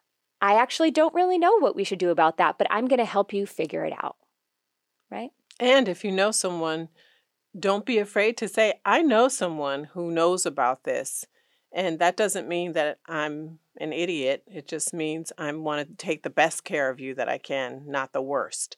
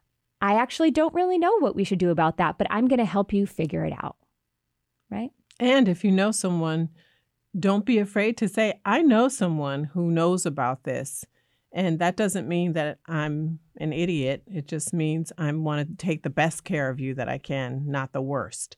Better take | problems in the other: second | thin; somewhat; fading below 450 Hz

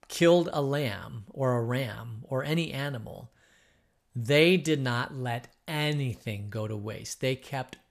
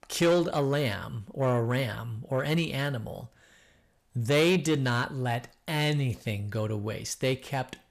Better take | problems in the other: first | distortion; slight; 10 dB below the speech

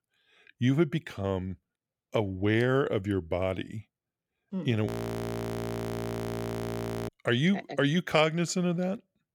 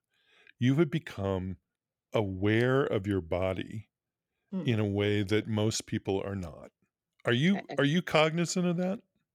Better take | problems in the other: second | audio freezing; at 5 s for 2 s

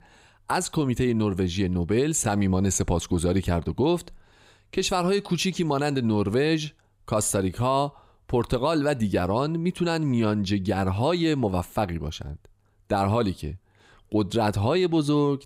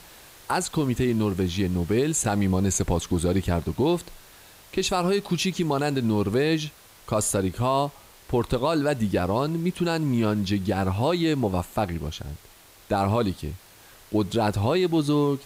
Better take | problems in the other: first | hiss; faint; throughout; 25 dB below the speech

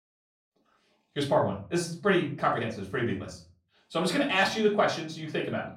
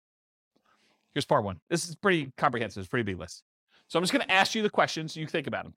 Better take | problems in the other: second | room echo; slight; dies away in 0.4 s // off-mic speech; far

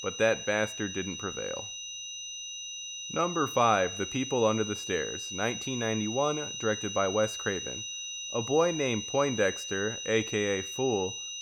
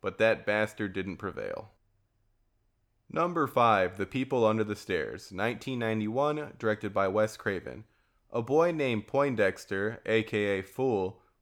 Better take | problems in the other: second | high-pitched whine; loud; throughout; 6 kHz, 6 dB below the speech

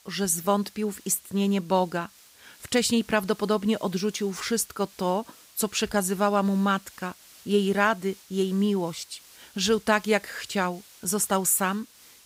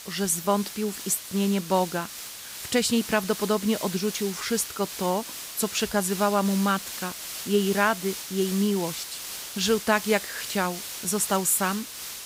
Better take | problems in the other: first | hiss; loud; throughout; 9 dB below the speech; faint in the first

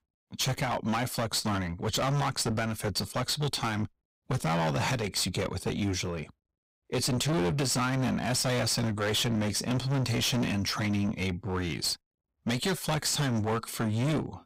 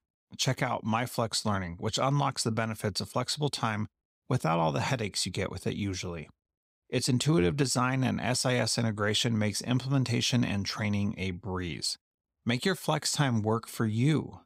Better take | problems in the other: second | distortion; heavy; 20% of the sound clipped

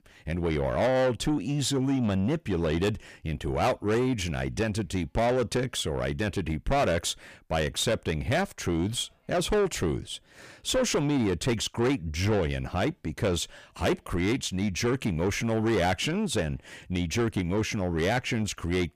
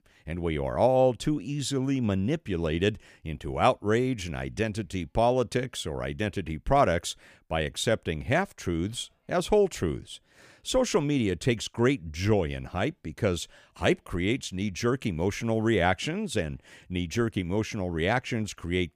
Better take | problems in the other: second | distortion; heavy; 7 dB below the speech

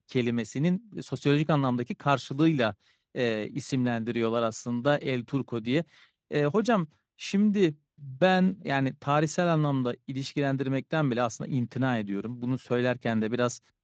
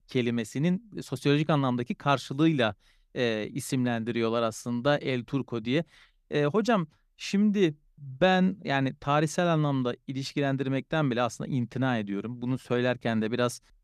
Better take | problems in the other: second | garbled, watery; slightly; nothing above 7.5 kHz

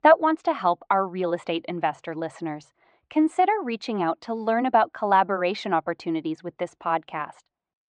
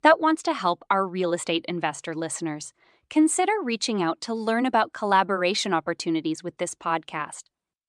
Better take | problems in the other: second | muffled; slightly; fading above 3 kHz

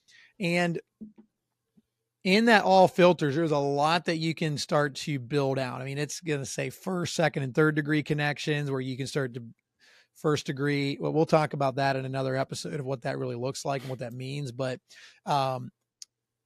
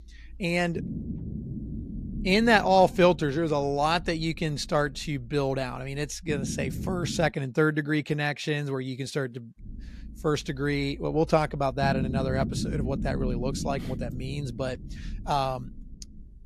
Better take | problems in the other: first | low rumble; noticeable; until 7.5 s and from 9.5 s on; 15 dB below the speech

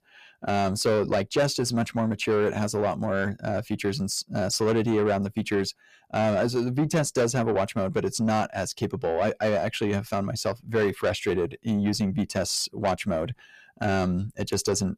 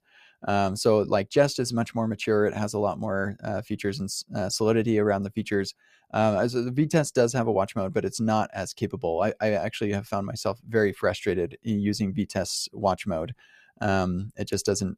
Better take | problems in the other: second | distortion; slight; 10 dB below the speech

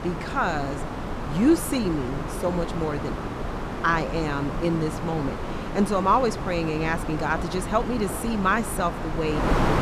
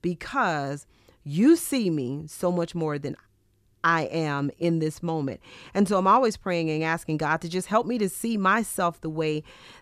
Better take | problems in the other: second | wind noise on the microphone; heavy; 6 dB below the speech

